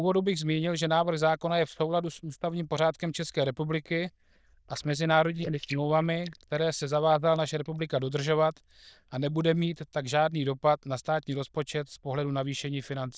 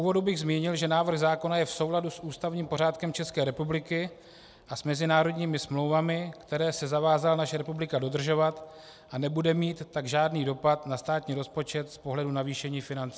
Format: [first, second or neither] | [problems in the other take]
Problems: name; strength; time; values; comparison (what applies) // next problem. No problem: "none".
second | noise reduction (neural diffusion model UNIVERSE++)